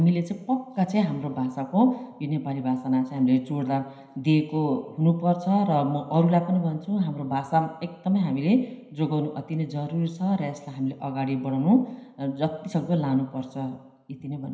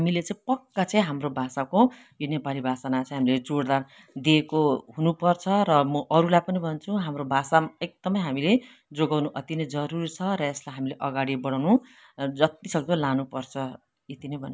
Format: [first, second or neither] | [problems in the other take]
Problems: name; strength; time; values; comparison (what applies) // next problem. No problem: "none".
second | room echo; dies away in 0.9 s